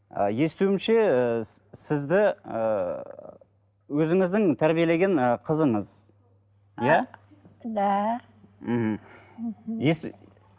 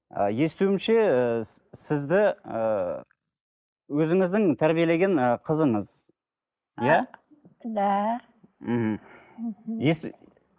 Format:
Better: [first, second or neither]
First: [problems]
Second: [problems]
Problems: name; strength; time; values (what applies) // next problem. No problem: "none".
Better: first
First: none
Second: noise reduction (neural mask model Resemble Enhance denoiser)